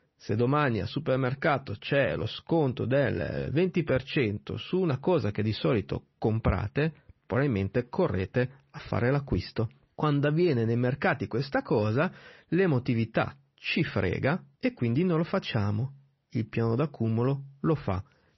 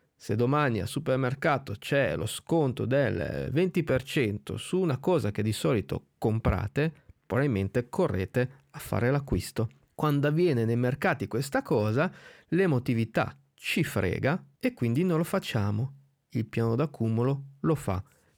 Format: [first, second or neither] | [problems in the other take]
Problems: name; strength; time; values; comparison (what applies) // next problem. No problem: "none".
second | garbled, watery; slightly; nothing above 5.5 kHz